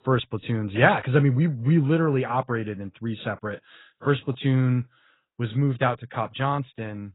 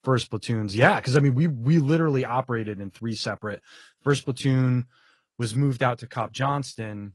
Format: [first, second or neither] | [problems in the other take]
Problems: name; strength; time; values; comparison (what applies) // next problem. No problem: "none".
second | garbled, watery; badly; nothing above 4 kHz; slightly in the second